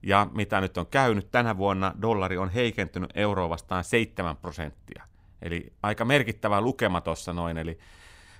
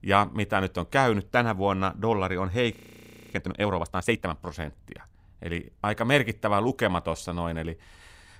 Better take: first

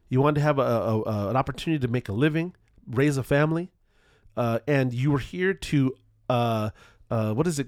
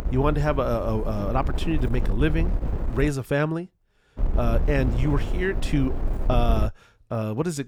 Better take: first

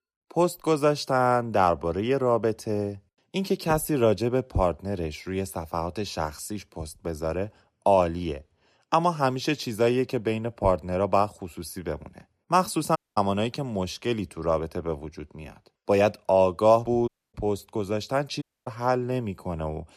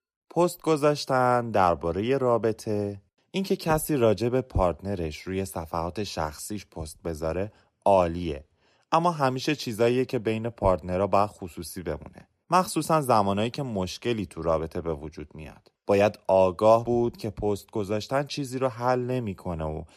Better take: second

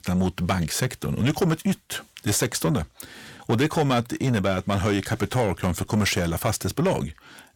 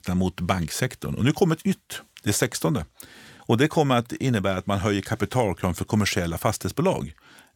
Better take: second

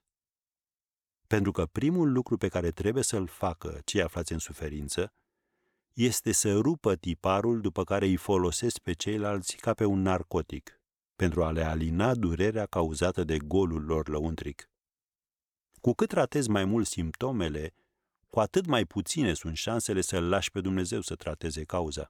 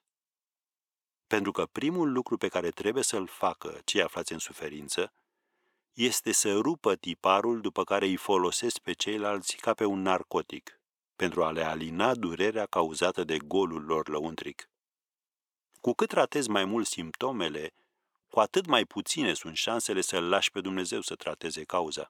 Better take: first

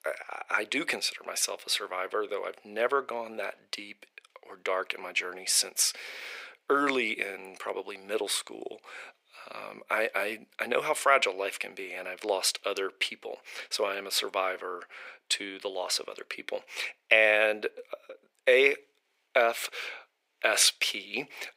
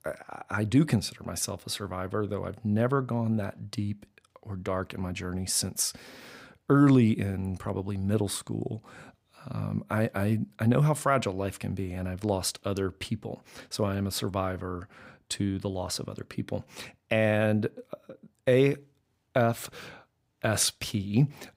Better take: second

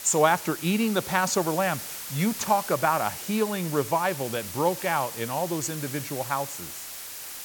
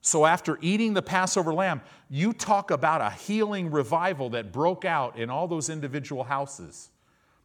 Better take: second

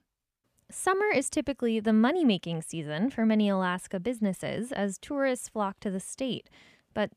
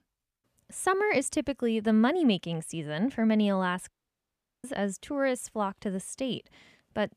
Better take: first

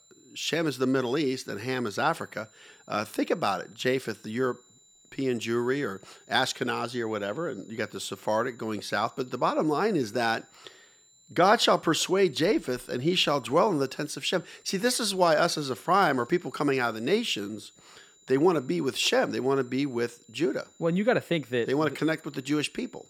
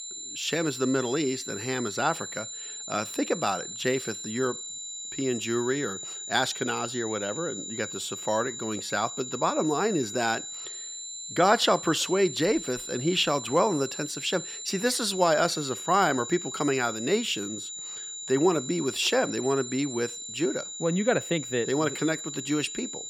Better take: first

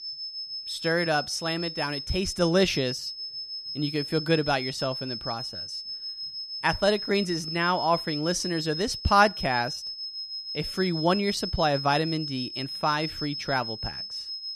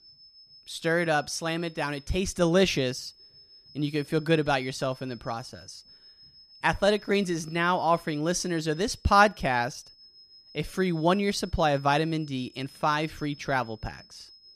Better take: second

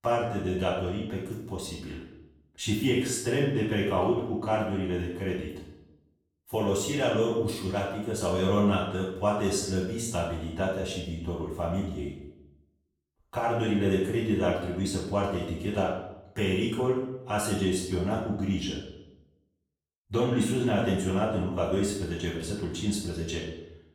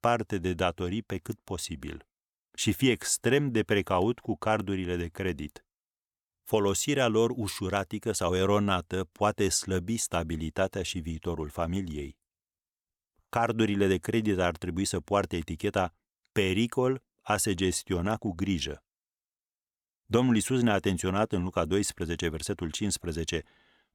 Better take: second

